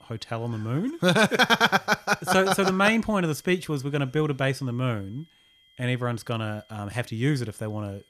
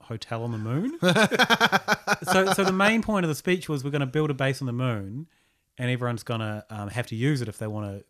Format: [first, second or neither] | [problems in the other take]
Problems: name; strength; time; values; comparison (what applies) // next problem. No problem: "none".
second | high-pitched whine; faint; throughout; 3 kHz, 35 dB below the speech